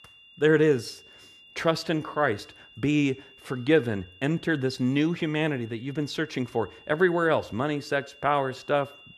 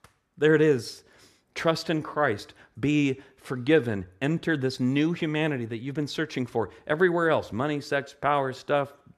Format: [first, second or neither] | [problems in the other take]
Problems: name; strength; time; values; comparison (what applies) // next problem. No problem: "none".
second | high-pitched whine; faint; throughout; 3 kHz, 25 dB below the speech